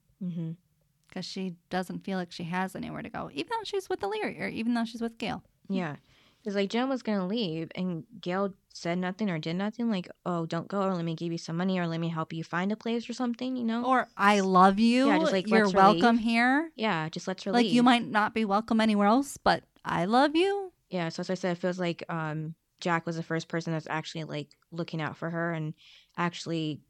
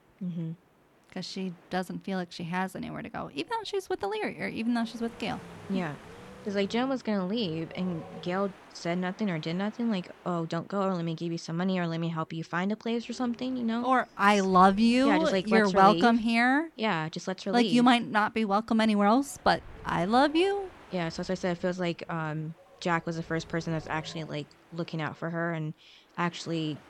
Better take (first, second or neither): first